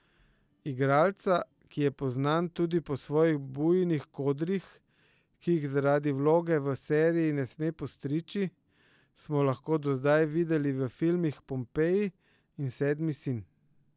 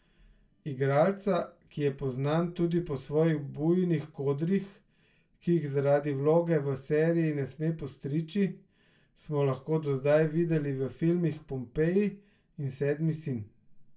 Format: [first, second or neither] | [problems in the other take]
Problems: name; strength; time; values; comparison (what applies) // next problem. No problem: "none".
first | room echo; dies away in 0.2 s